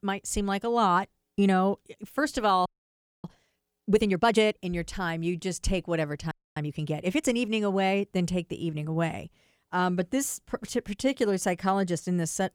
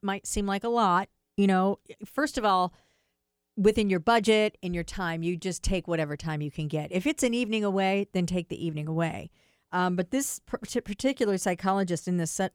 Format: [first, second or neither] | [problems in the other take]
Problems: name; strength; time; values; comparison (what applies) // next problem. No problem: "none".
second | audio freezing; at 2.5 s for 0.5 s and at 6.5 s